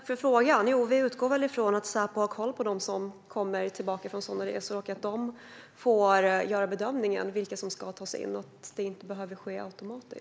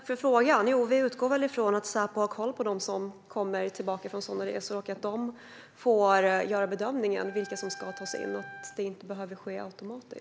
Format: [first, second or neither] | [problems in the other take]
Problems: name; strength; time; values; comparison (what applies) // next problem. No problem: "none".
first | background sound (Wind instrument, woodwind instrument); 16 dB below the speech